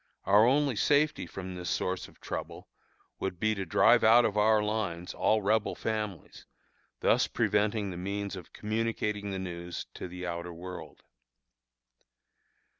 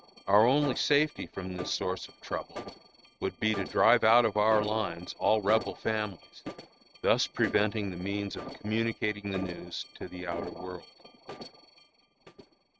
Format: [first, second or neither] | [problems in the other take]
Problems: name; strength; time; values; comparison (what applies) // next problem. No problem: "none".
first | noise reduction (neural mask model RNNoise)